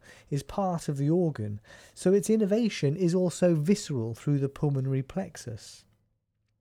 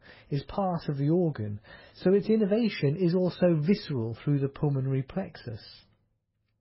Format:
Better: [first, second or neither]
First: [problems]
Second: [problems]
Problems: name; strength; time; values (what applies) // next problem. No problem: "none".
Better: first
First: none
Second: garbled, watery; badly; nothing above 5.5 kHz